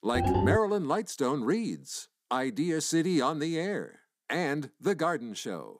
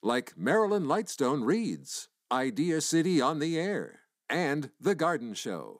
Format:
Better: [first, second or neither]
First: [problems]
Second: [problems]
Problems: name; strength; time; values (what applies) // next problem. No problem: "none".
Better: second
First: phone ringing; loud; at the start; peak 3 dB above the speech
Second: none